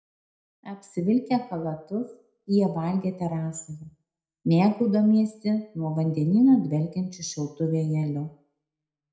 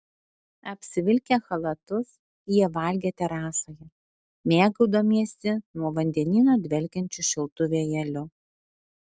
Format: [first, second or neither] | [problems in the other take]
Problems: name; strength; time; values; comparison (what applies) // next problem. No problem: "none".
second | room echo; dies away in 0.4 s